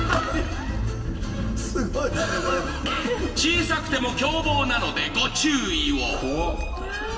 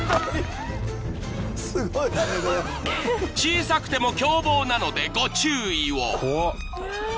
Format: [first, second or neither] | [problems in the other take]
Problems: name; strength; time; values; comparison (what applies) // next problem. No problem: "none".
second | room echo; dies away in 2.7 s